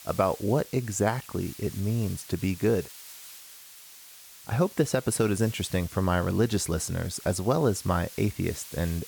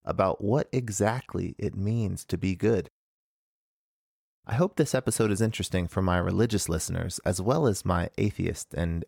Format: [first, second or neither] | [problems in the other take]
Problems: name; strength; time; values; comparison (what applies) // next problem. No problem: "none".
second | hiss; noticeable; throughout; 15 dB below the speech